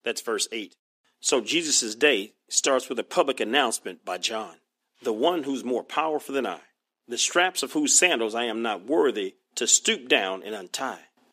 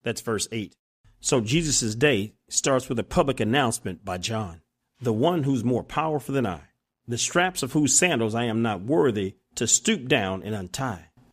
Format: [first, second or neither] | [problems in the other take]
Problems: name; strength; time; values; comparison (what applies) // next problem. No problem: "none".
second | thin; somewhat; fading below 300 Hz